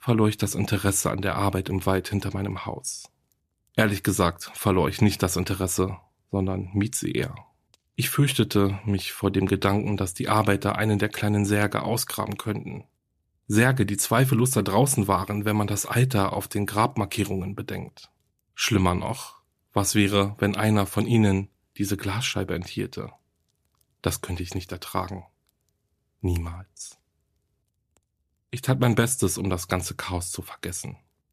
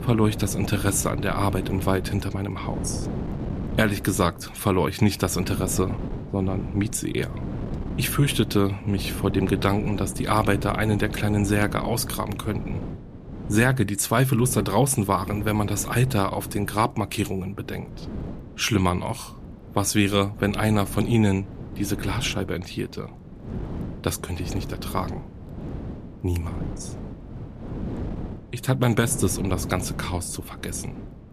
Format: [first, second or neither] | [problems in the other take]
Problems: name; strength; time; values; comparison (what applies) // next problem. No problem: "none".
first | wind noise on the microphone; occasional gusts; 15 dB below the speech